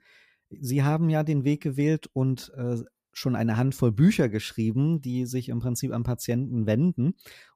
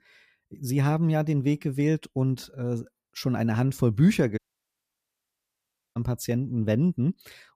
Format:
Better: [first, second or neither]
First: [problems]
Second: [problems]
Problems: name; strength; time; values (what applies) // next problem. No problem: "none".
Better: first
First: none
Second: audio cutting out; at 4.5 s for 1.5 s